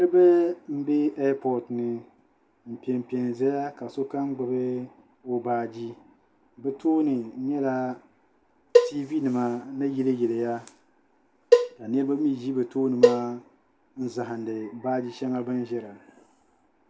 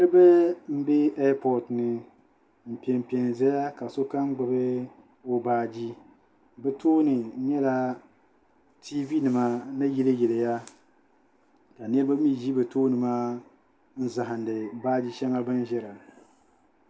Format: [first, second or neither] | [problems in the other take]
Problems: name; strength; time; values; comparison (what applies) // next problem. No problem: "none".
second | background sound (Cowbell); 2 dB above the speech